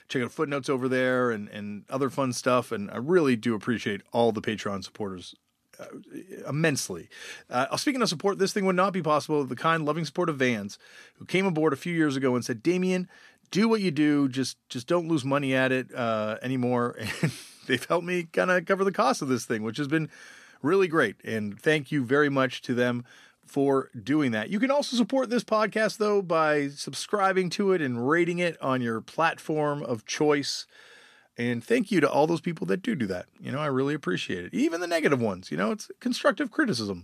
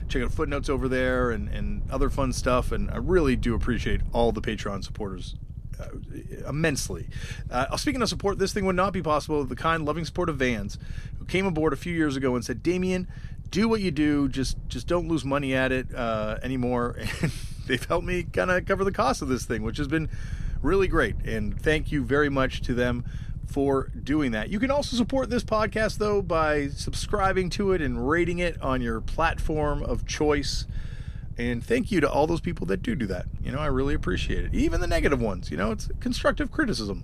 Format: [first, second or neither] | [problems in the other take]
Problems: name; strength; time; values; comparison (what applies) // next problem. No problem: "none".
first | low rumble; faint; throughout; 25 dB below the speech